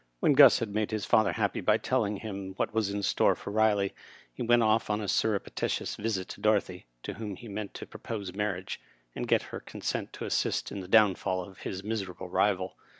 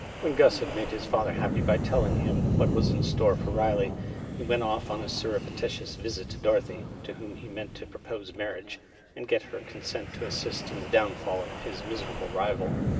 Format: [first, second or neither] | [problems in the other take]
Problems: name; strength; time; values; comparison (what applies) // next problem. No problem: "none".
first | background sound (Wind); 2 dB below the speech // room echo; dies away in 2.6 s